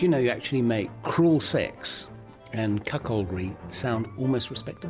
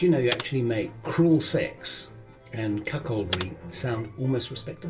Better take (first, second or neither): first